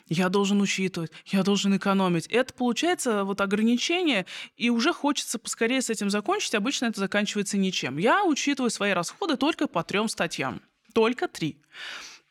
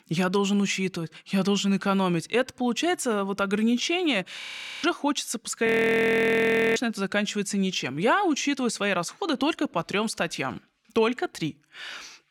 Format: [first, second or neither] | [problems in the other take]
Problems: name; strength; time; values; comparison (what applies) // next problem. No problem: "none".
first | audio freezing; at 4.5 s and at 5.5 s for 1 s